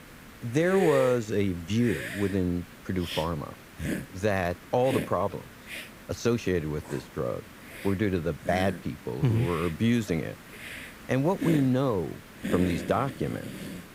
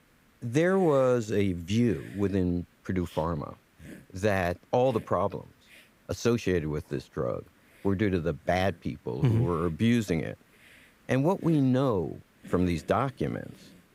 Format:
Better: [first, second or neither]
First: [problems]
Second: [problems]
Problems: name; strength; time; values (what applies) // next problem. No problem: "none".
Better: second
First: hiss; loud; throughout; 10 dB below the speech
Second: hiss; faint; throughout; 25 dB below the speech